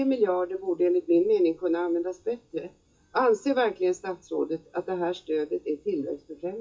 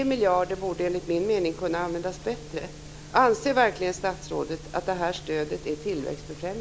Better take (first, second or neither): second